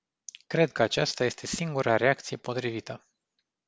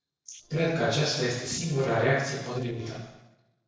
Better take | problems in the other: first | noise reduction (neural separator model SepFormer DNS4)

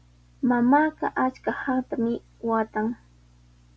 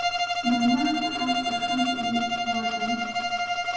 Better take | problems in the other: first | background sound (Bowed string instrument); 2 dB above the speech // room echo; dies away in 1.1 s

